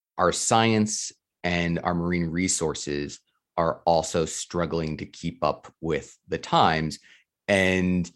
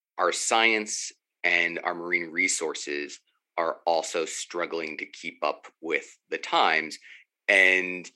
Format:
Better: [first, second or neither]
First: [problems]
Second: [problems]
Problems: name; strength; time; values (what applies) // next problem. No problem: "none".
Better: first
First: none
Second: thin; somewhat; fading below 300 Hz